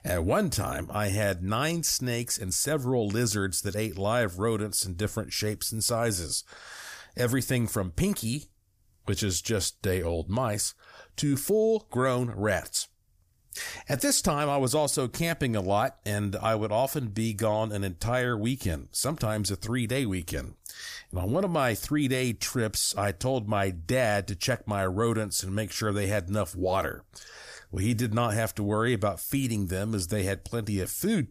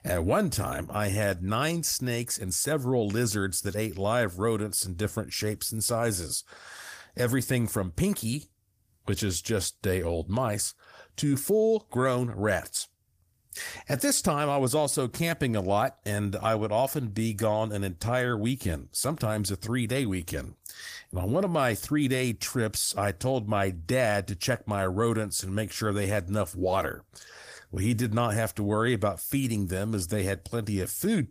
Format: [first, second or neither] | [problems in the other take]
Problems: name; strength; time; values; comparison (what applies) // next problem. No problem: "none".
first | garbled, watery; slightly; nothing above 15 kHz